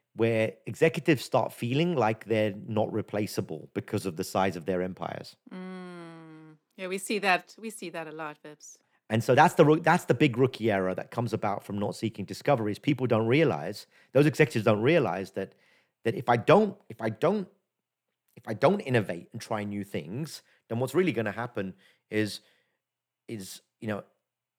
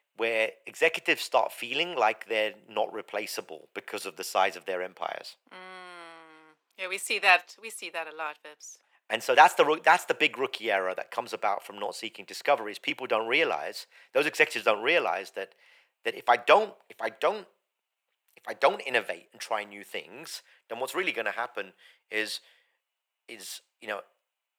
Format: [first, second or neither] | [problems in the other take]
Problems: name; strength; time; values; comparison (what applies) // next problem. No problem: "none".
first | thin; very; fading below 700 Hz